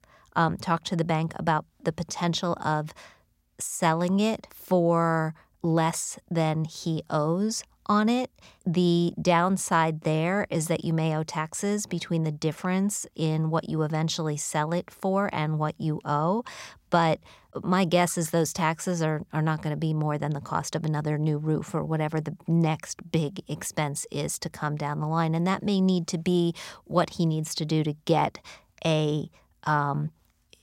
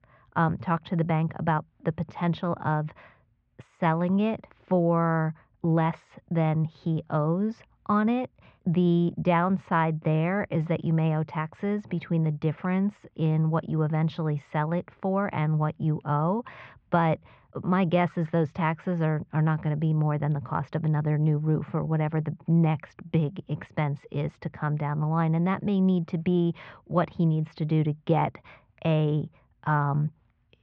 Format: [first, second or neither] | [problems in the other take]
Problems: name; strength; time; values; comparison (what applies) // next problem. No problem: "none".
first | muffled; very; fading above 2.5 kHz